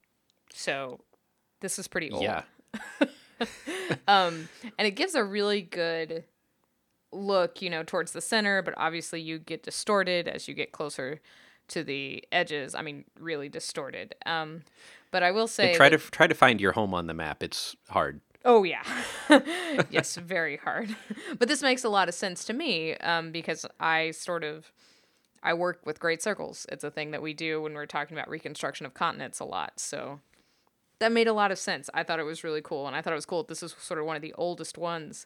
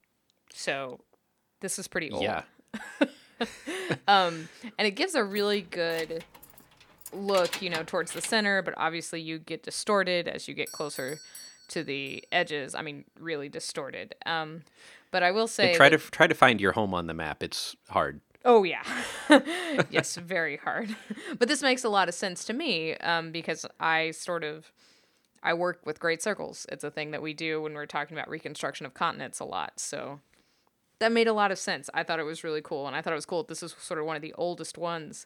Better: first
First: none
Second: jangling keys; noticeable; from 5.5 to 8.5 s; peak 6 dB below the speech // doorbell; faint; from 11 to 12 s; peak 15 dB below the speech

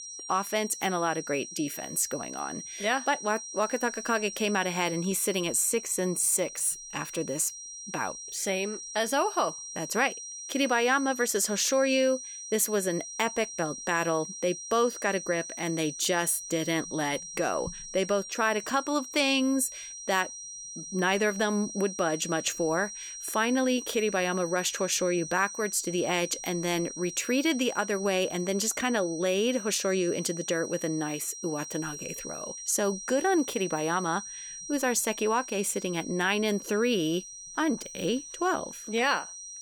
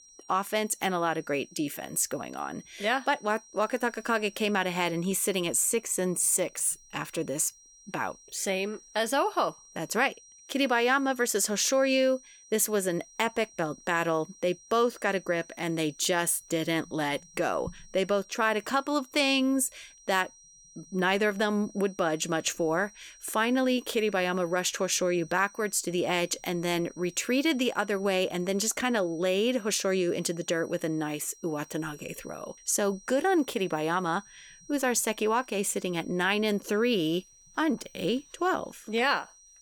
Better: second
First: high-pitched whine; loud; throughout; 5.5 kHz, 10 dB below the speech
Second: high-pitched whine; faint; throughout; 5.5 kHz, 25 dB below the speech

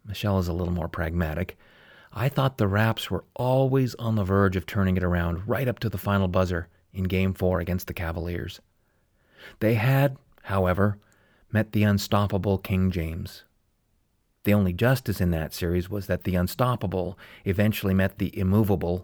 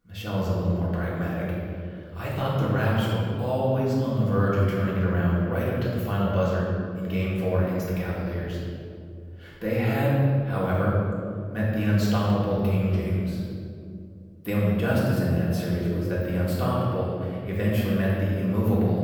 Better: first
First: none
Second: room echo; strong; dies away in 2.2 s // off-mic speech; far

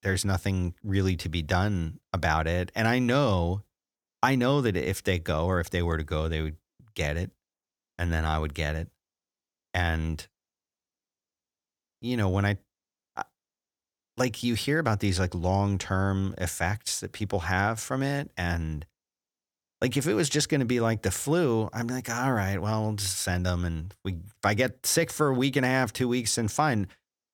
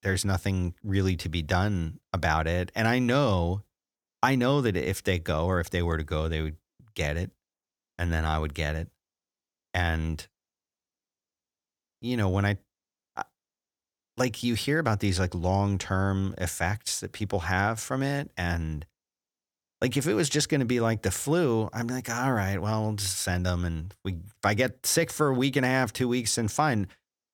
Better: neither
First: none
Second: none

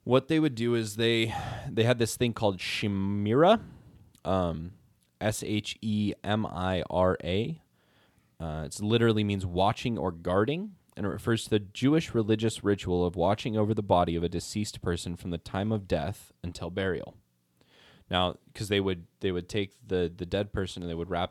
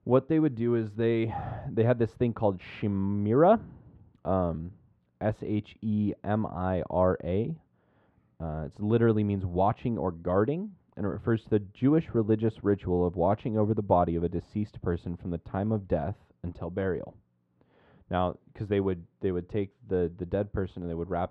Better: first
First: none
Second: muffled; very; fading above 4 kHz

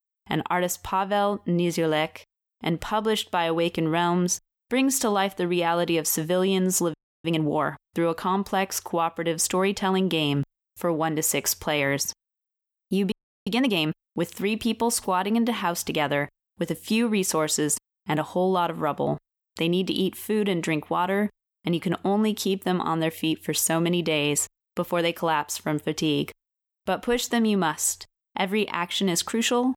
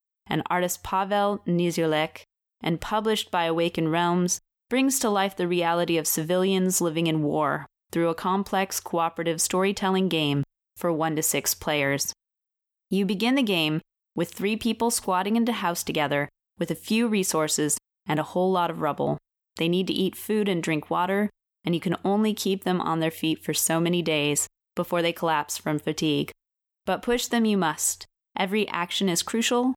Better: second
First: audio freezing; at 7 s and at 13 s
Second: none

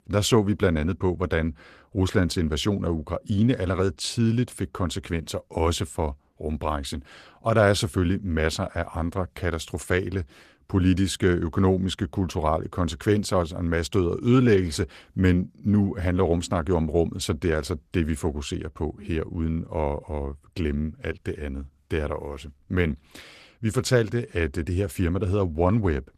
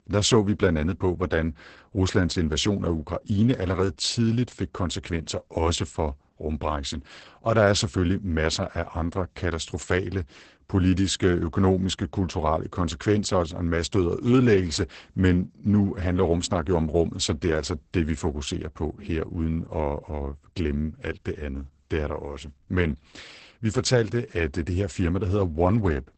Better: first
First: garbled, watery; slightly; nothing above 14.5 kHz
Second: garbled, watery; badly; nothing above 8 kHz

